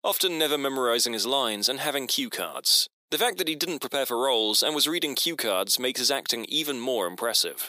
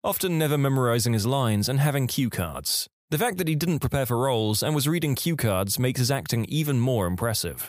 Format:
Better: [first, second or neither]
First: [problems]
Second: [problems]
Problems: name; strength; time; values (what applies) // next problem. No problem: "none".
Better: second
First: thin; somewhat; fading below 300 Hz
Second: none